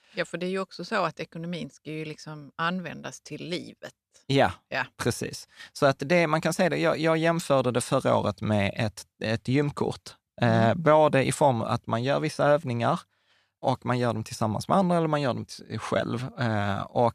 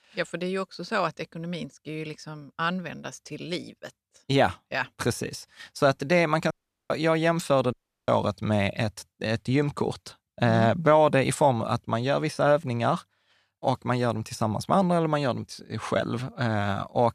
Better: first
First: none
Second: audio cutting out; at 6.5 s and at 7.5 s

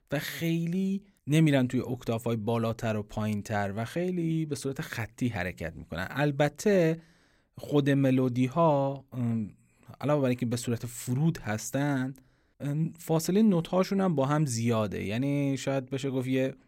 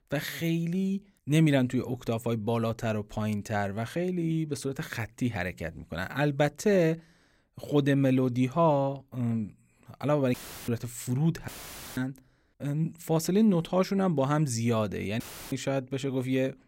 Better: first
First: none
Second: audio cutting out; filled with static; at 10 s, at 11 s and at 15 s

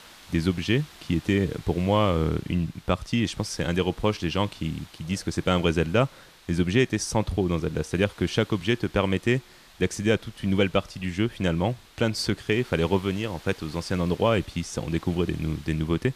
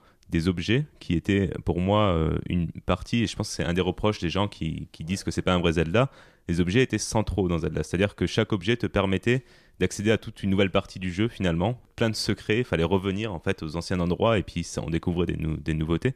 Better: second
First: hiss; faint; throughout; 25 dB below the speech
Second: none

